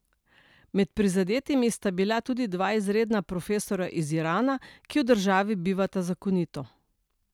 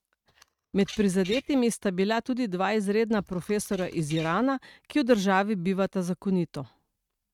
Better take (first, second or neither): first